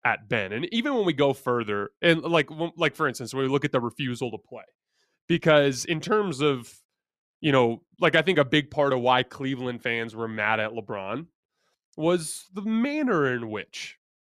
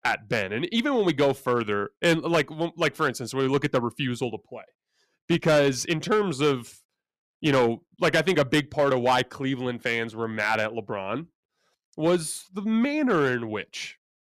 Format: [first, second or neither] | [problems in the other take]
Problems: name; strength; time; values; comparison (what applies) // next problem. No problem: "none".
first | distortion; slight; 3% of the sound clipped